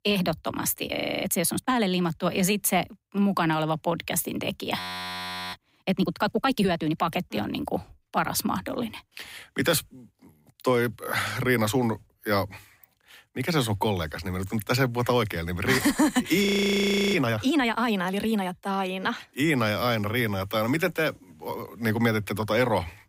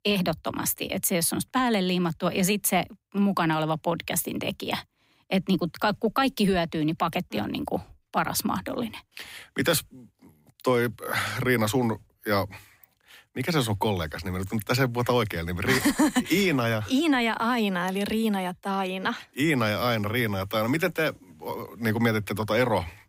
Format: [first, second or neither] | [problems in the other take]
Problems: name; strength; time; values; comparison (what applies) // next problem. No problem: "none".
second | audio freezing; at 1 s, at 5 s for 0.5 s and at 16 s for 0.5 s